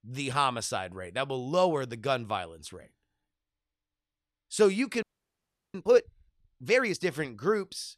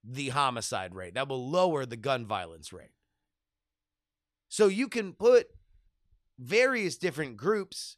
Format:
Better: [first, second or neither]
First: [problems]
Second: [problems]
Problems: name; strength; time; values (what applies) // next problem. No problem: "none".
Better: second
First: audio freezing; at 5 s for 0.5 s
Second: none